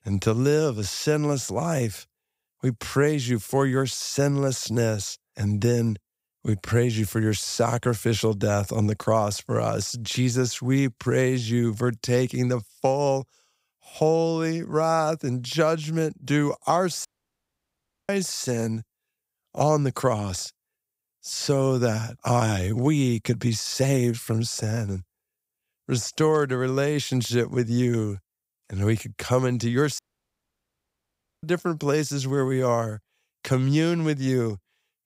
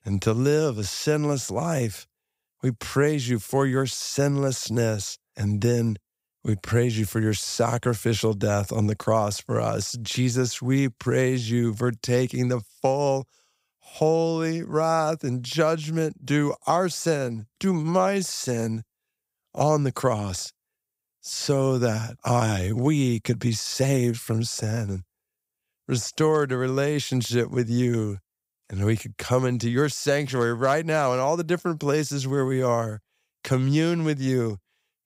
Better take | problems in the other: second | audio cutting out; at 17 s for 1 s and at 30 s for 1.5 s

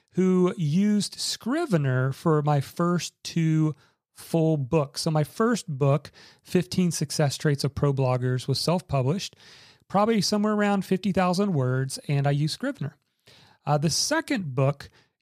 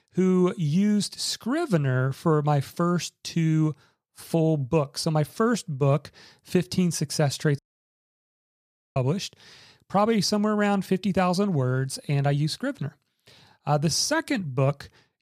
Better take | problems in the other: first | audio cutting out; at 7.5 s for 1.5 s

